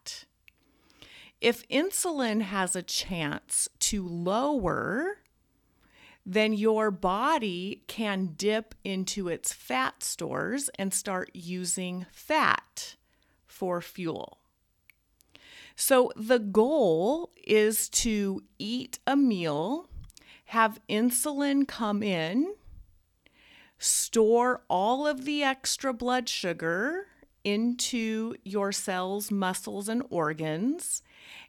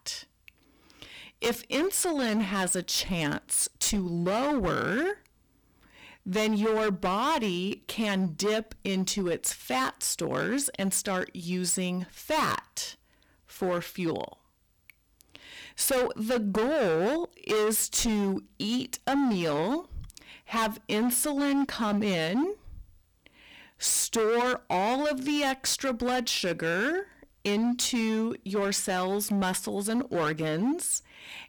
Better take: first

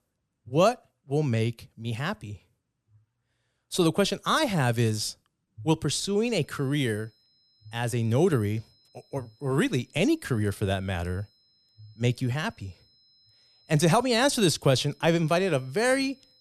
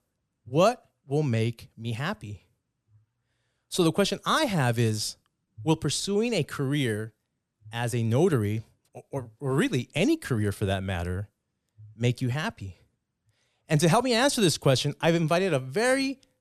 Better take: second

